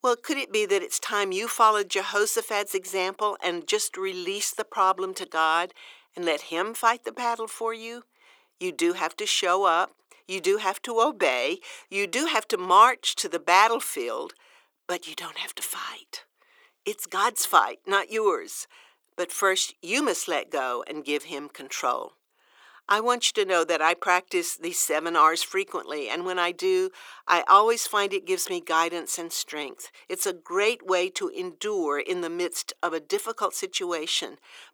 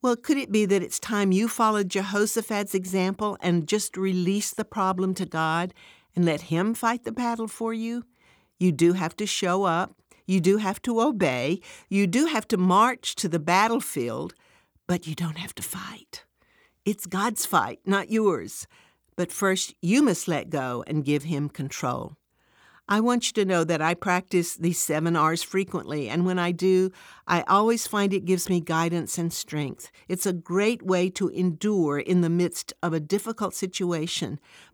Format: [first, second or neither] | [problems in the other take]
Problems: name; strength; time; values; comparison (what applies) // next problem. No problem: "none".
second | thin; very; fading below 400 Hz